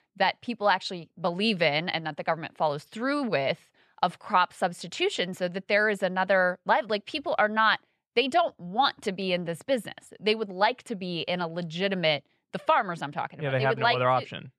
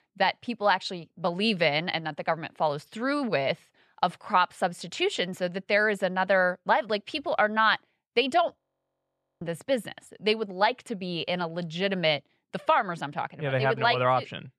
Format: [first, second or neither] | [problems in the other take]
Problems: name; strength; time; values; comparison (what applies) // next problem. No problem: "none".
first | audio freezing; at 8.5 s for 1 s